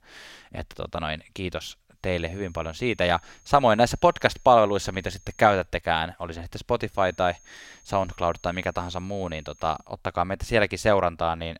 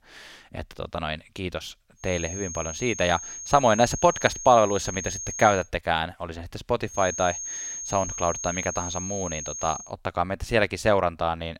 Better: first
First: high-pitched whine; faint; from 2 to 5.5 s and from 7 to 10 s; 6.5 kHz, 30 dB below the speech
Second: high-pitched whine; loud; from 2 to 5.5 s and from 7 to 10 s; 6.5 kHz, 7 dB below the speech

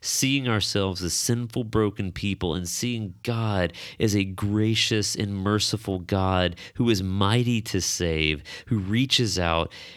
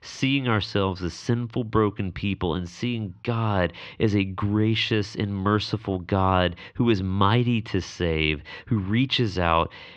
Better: first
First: none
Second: muffled; slightly; fading above 3.5 kHz

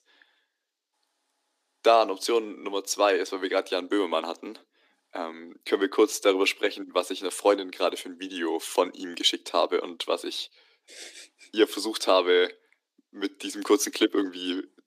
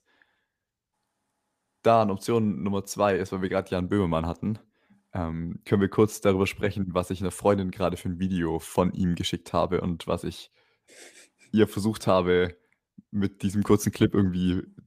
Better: second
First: thin; somewhat; fading below 300 Hz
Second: none

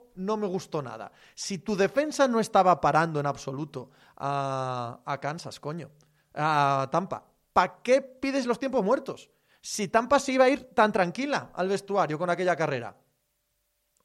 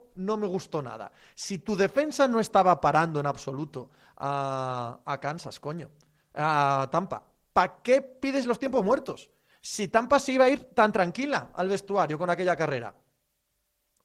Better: first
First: none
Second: garbled, watery; slightly; nothing above 16 kHz

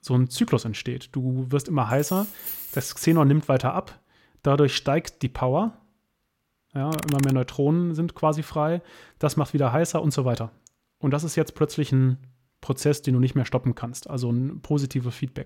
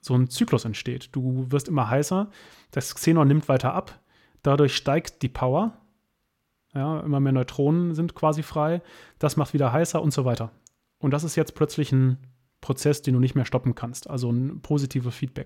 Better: second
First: jangling keys; noticeable; from 2 to 3 s; peak 7 dB below the speech // keyboard typing; noticeable; at 7 s; peak 9 dB below the speech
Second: none

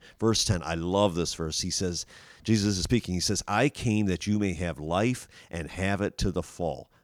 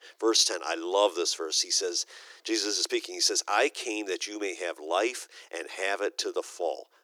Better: first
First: none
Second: thin; very; fading below 350 Hz

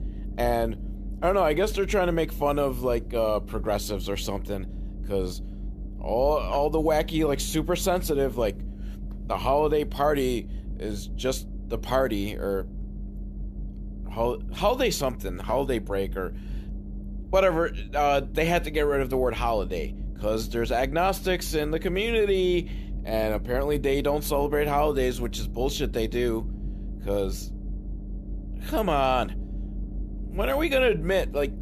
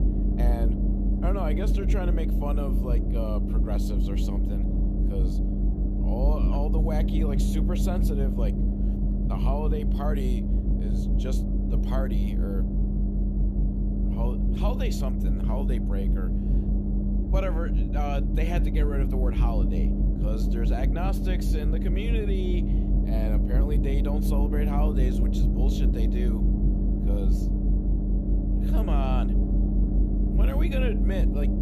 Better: first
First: low rumble; faint; throughout; 20 dB below the speech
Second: low rumble; loud; throughout; 1 dB below the speech

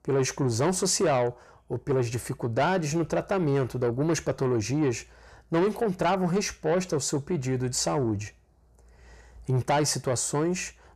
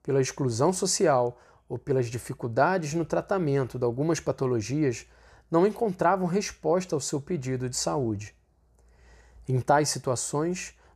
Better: second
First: distortion; slight; 10 dB below the speech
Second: none

